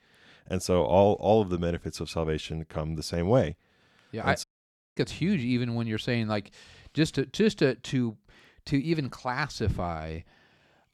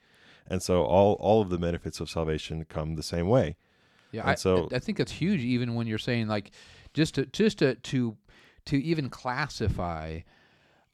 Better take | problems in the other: second | audio cutting out; at 4.5 s for 0.5 s

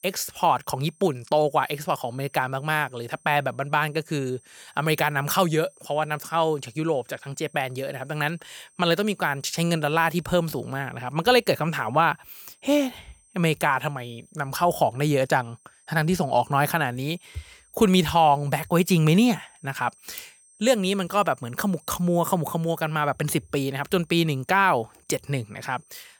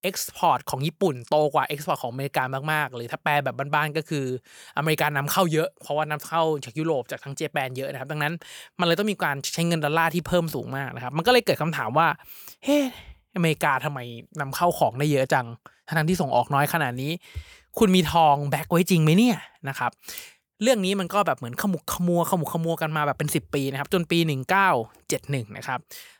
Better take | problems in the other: second | high-pitched whine; faint; throughout; 8.5 kHz, 30 dB below the speech

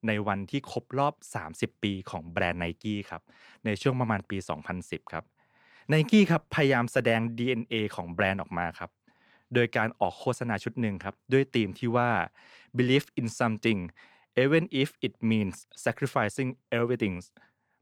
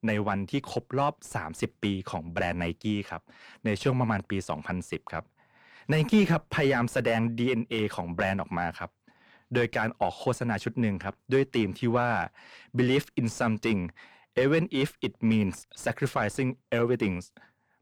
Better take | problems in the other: first | distortion; slight; 10 dB below the speech

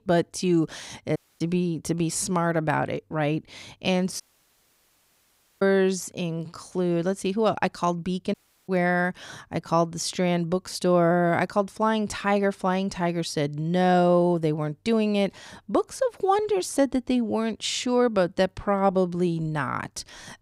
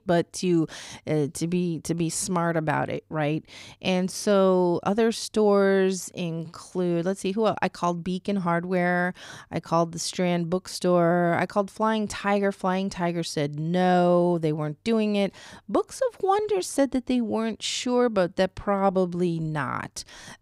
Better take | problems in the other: second | audio cutting out; at 1 s, at 4 s for 1.5 s and at 8.5 s

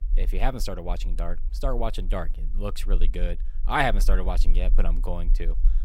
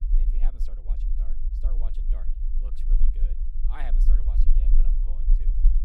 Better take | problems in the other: first | low rumble; loud; throughout; 2 dB below the speech; faint in the first

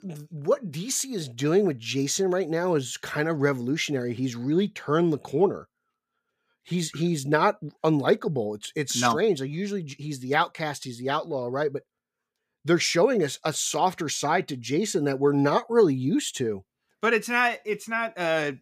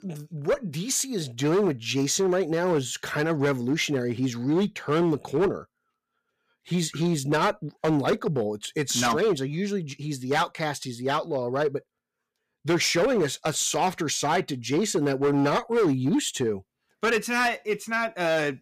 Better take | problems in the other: first | distortion; slight; 8% of the sound clipped

